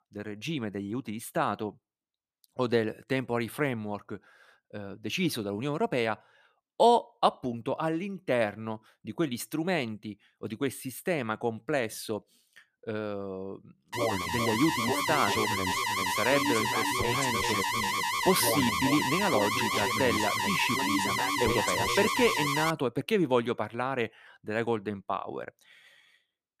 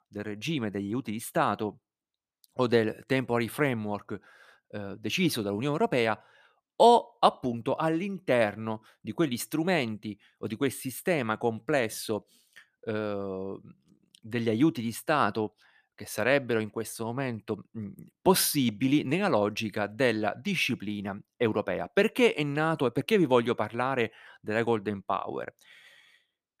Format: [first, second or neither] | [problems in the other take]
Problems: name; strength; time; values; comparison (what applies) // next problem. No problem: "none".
second | alarm; loud; from 14 to 23 s; peak 4 dB above the speech